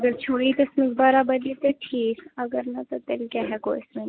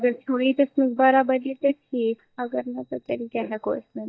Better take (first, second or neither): first